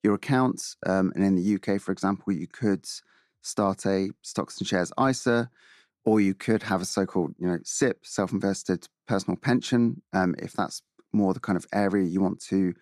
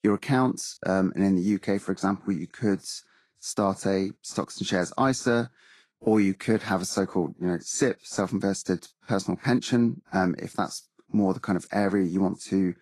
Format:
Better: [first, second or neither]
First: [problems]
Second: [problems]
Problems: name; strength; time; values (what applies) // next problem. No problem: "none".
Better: first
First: none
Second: garbled, watery; slightly